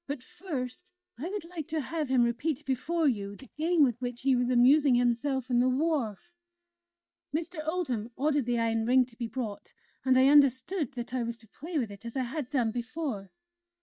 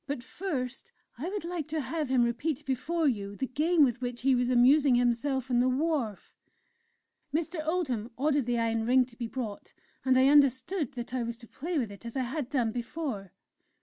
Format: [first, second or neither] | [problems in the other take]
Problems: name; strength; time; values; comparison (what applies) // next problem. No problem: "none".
second | noise reduction (neural mask model DeepFilterNet 3)